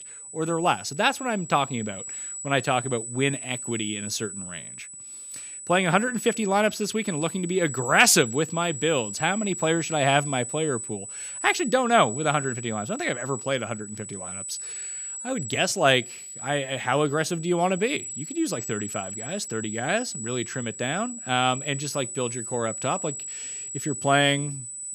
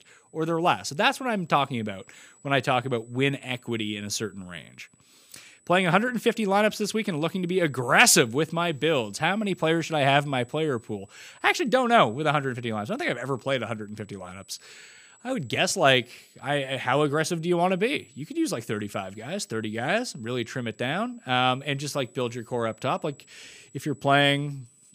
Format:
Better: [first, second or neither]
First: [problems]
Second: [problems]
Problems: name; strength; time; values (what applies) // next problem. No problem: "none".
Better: second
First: high-pitched whine; loud; throughout; 8 kHz, 9 dB below the speech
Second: high-pitched whine; faint; throughout; 8 kHz, 30 dB below the speech